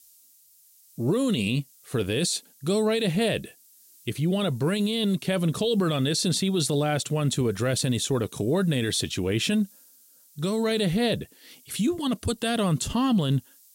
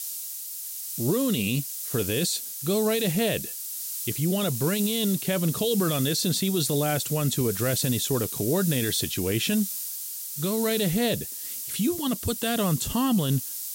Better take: first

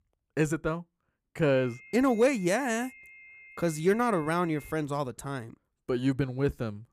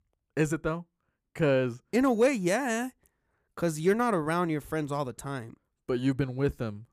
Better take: second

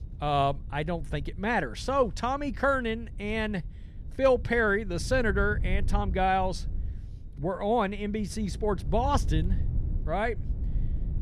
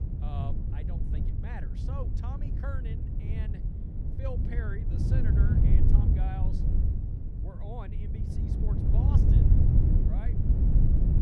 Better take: first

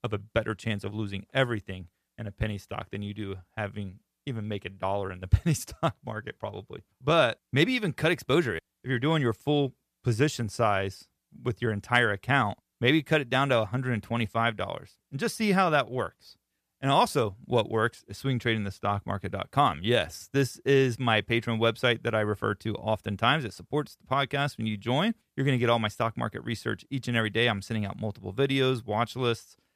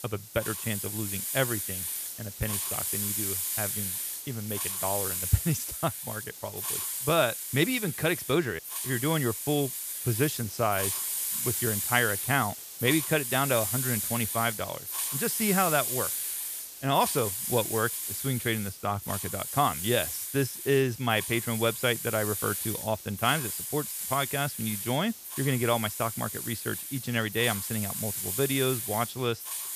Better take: first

